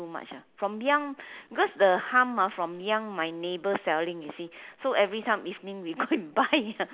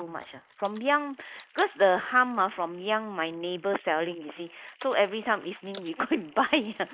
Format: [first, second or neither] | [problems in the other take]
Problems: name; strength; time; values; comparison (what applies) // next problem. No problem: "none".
first | noise reduction (neural mask model Resemble Enhance denoiser)